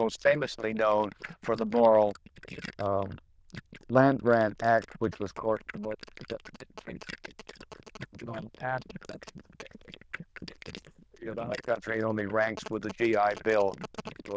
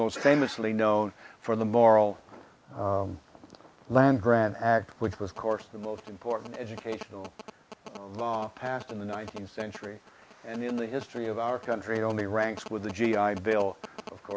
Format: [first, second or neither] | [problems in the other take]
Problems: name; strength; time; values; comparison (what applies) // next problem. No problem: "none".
second | noise reduction (neural diffusion model UNIVERSE++)